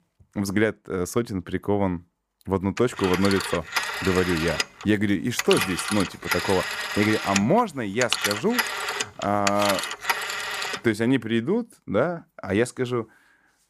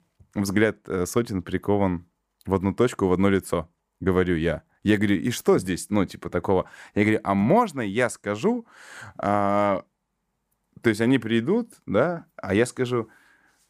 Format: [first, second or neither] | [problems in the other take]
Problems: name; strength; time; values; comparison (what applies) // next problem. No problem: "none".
second | phone ringing; loud; from 3 to 11 s; peak 1 dB above the speech